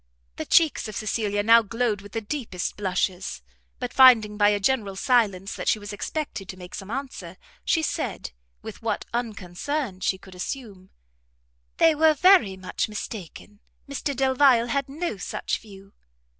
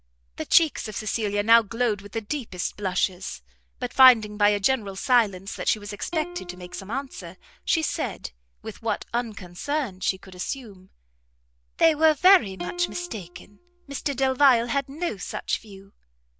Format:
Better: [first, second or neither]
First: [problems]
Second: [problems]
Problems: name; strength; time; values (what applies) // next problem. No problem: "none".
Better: first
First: none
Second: background sound (Plucked string instrument); 16 dB below the speech